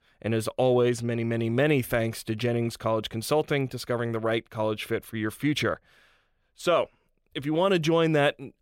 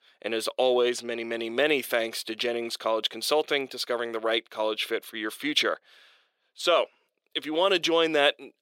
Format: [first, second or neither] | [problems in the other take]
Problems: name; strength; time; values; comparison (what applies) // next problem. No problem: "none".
first | thin; somewhat; fading below 350 Hz